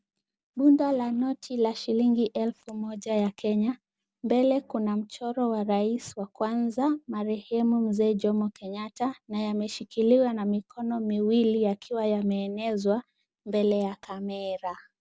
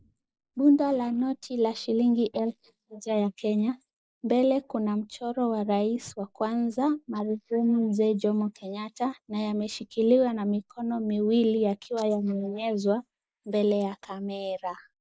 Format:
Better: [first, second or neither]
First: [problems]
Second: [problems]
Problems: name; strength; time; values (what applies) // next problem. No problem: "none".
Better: first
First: none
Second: noise reduction (neural mask model Resemble Enhance denoiser)